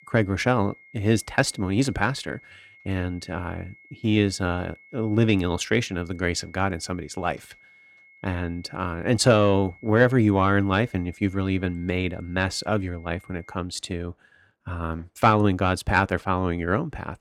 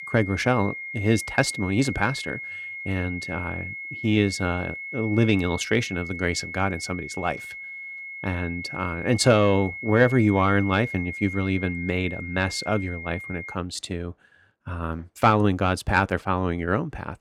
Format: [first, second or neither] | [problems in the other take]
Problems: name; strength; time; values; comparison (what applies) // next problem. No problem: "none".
first | high-pitched whine; loud; until 14 s; 2 kHz, 9 dB below the speech; faint in the first